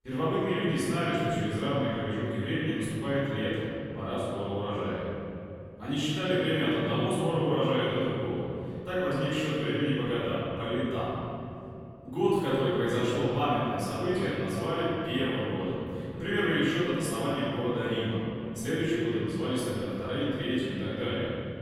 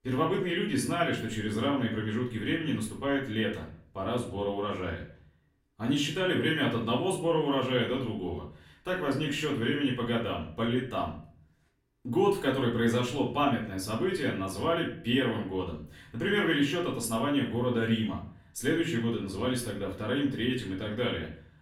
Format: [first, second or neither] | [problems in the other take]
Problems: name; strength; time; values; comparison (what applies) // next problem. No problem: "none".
second | room echo; strong; dies away in 2.8 s; slight in the second // off-mic speech; far; far in the second